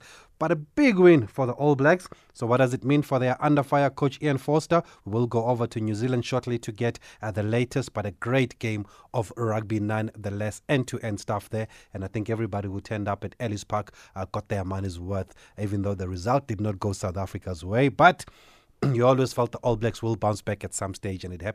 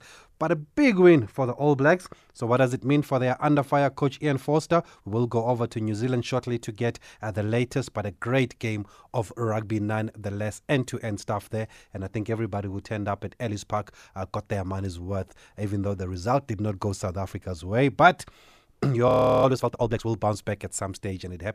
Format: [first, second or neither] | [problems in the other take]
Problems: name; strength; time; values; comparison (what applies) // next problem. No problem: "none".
first | audio freezing; at 19 s